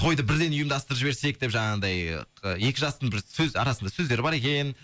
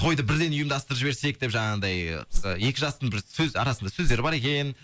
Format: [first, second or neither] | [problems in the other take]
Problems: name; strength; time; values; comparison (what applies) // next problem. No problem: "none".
first | background sound (Whoosh, swoosh, swish); 2 dB above the speech